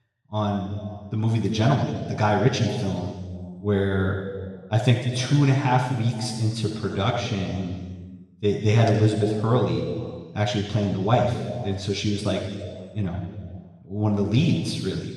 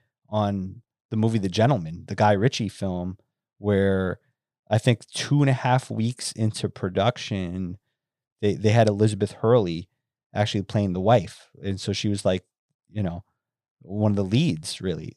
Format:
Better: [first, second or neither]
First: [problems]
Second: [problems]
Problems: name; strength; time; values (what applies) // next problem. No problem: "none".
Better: second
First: room echo; noticeable; dies away in 1.5 s // off-mic speech; far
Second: none